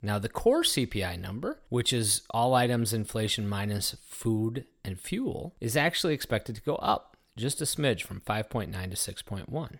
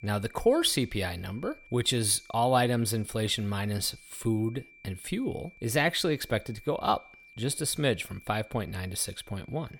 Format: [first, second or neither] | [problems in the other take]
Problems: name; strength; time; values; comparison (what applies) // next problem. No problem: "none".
first | high-pitched whine; faint; throughout; 2.5 kHz, 25 dB below the speech